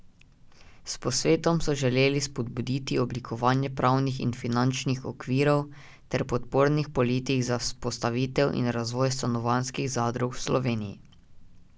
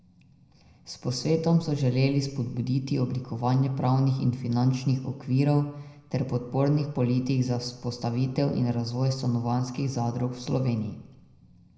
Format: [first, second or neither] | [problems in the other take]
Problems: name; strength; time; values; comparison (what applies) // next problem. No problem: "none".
first | room echo; dies away in 0.8 s